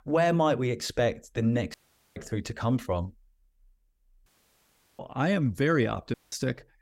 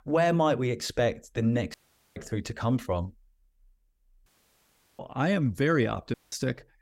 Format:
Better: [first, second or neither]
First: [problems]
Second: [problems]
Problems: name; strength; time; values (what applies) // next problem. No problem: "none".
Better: neither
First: audio cutting out; at 1.5 s, at 4.5 s for 0.5 s and at 6 s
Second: audio cutting out; at 1.5 s, at 4.5 s for 0.5 s and at 6 s